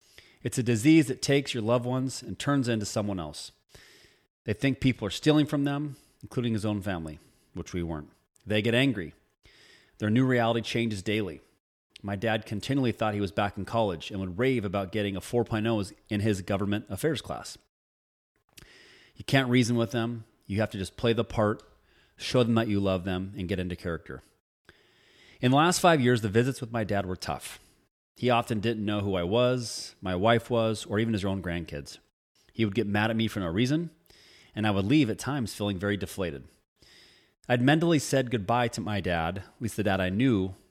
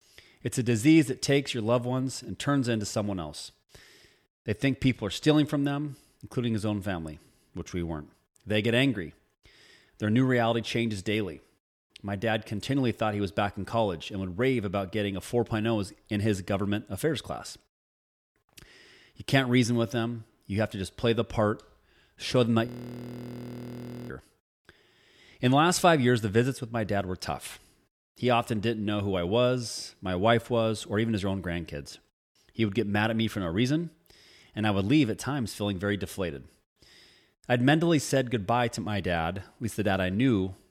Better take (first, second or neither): first